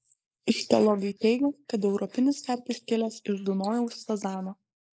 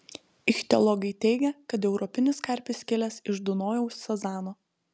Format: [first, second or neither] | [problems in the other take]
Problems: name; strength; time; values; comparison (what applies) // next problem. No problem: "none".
second | noise reduction (neural mask model Resemble Enhance denoiser)